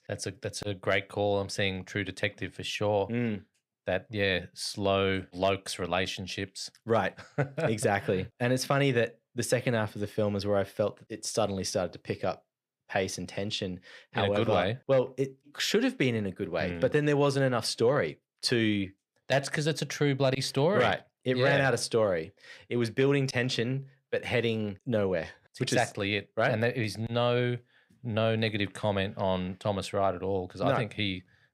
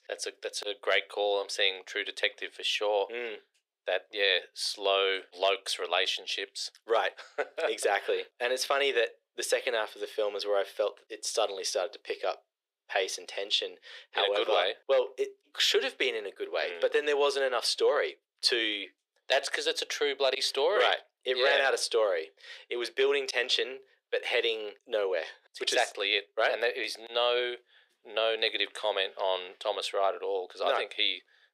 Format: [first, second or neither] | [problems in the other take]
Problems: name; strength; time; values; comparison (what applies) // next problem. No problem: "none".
first | thin; very; fading below 400 Hz